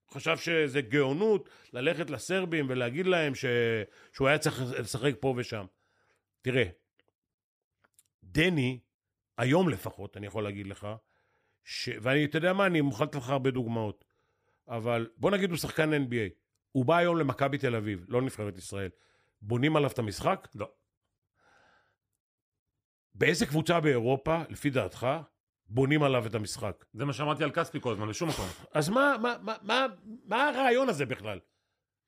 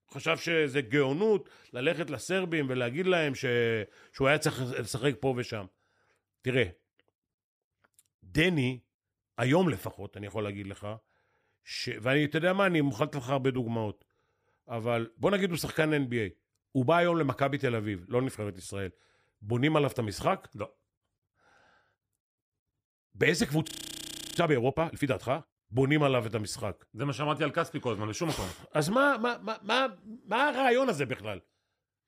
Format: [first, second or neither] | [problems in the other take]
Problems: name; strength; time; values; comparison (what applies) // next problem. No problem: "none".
first | audio freezing; at 24 s for 0.5 s